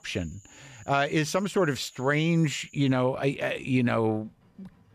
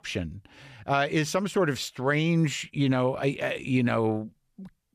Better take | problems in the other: second | animal sounds; faint; throughout; 30 dB below the speech

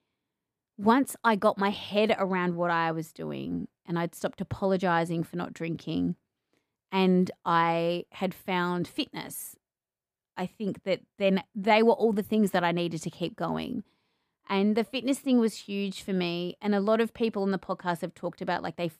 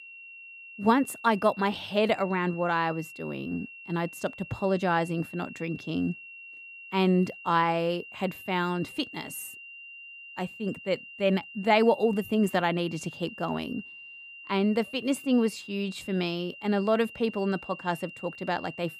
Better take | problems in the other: first | high-pitched whine; noticeable; throughout; 3 kHz, 15 dB below the speech

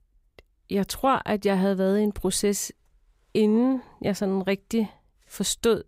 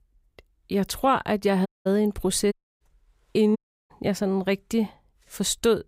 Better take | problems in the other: first | audio cutting out; at 1.5 s, at 2.5 s and at 3.5 s

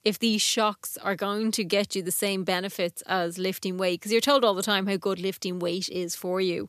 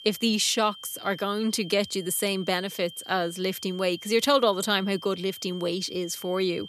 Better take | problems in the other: first | high-pitched whine; noticeable; throughout; 3 kHz, 15 dB below the speech

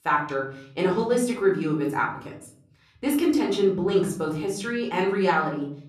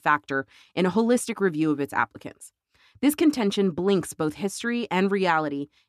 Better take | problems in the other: second | room echo; slight; dies away in 0.6 s // off-mic speech; somewhat distant

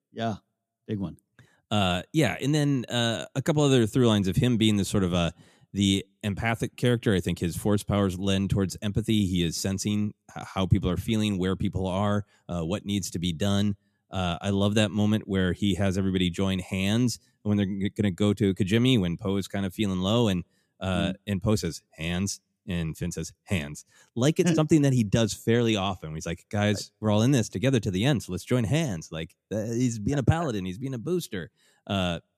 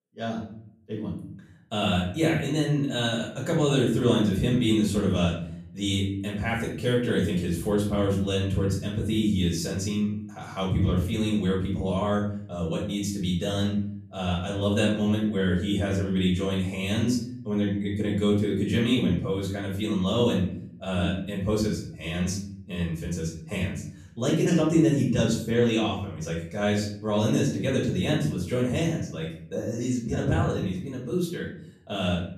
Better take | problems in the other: first | off-mic speech; far // room echo; noticeable; dies away in 0.6 s

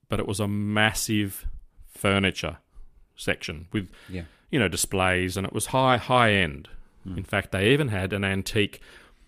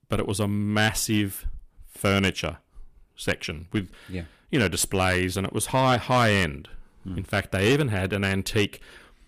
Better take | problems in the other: first | distortion; slight; 2% of the sound clipped

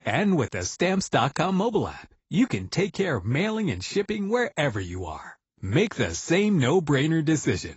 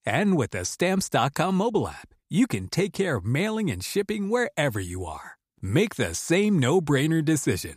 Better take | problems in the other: second | garbled, watery; badly; nothing above 8 kHz

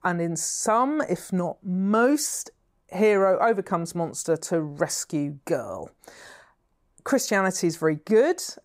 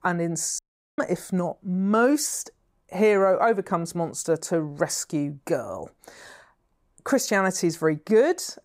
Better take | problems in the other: first | audio cutting out; at 0.5 s

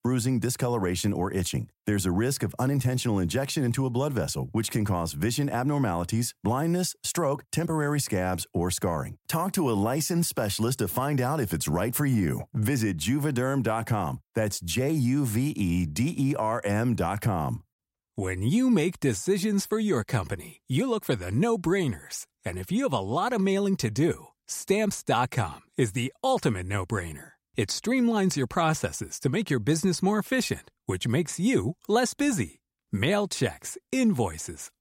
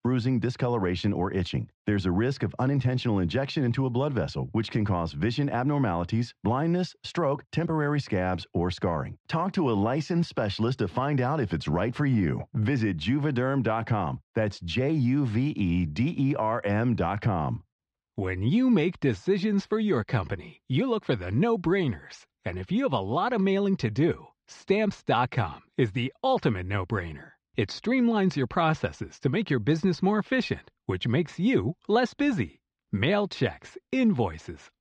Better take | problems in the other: first | muffled; slightly; fading above 4 kHz

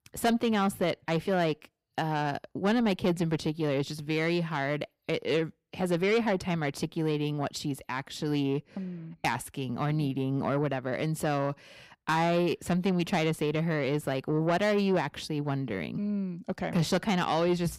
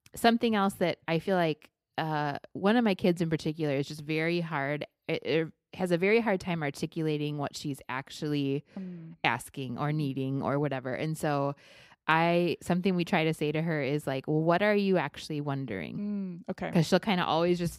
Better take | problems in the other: second | distortion; slight; 10 dB below the speech

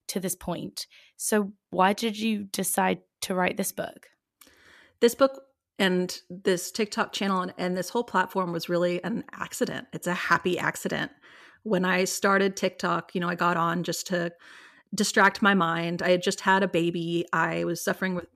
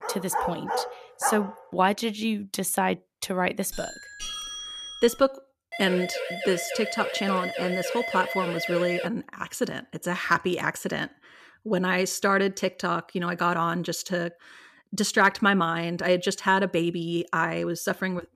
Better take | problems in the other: first | dog barking; noticeable; until 1.5 s; peak 3 dB below the speech // doorbell; noticeable; from 3.5 to 5 s; peak 6 dB below the speech // siren; noticeable; from 5.5 to 9 s; peak 4 dB below the speech

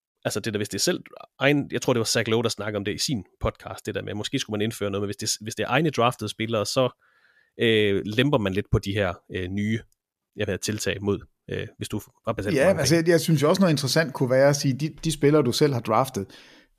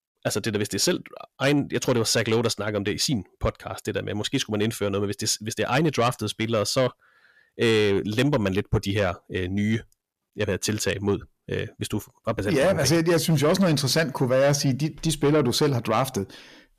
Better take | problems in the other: first | distortion; slight; 10 dB below the speech

